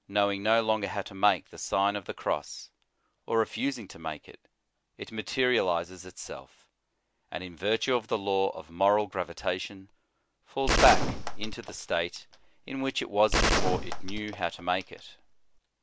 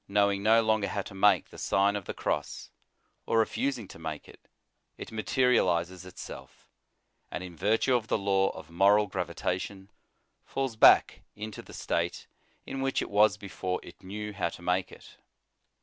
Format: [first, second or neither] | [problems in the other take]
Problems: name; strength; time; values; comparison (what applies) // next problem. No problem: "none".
second | background sound (Gunshot, gunfire); 1 dB above the speech